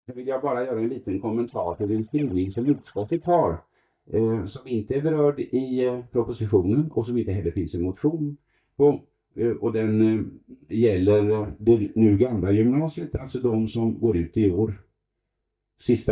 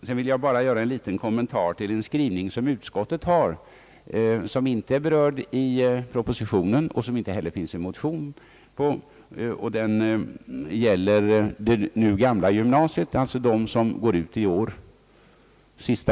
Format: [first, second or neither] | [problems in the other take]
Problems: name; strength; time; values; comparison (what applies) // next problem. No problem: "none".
second | noise reduction (neural mask model DeepFilterNet 3)